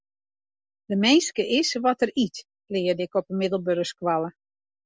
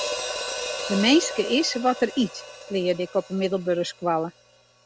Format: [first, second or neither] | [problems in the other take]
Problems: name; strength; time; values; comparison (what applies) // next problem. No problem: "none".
first | background sound (Hi-hat); 9 dB below the speech